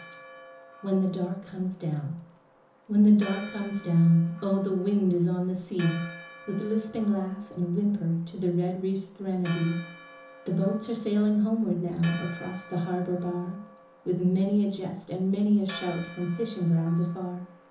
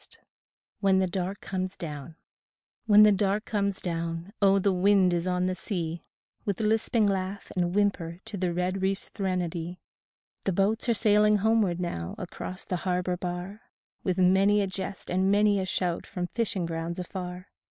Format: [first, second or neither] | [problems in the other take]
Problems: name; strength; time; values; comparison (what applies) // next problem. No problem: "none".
second | background sound (Church bell); 19 dB below the speech // room echo; dies away in 0.7 s